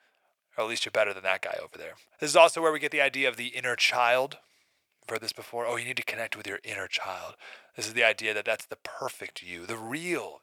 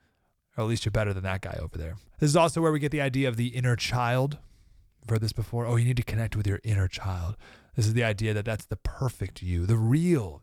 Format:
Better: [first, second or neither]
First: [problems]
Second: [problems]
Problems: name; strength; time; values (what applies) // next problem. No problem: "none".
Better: second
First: thin; very; fading below 600 Hz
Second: none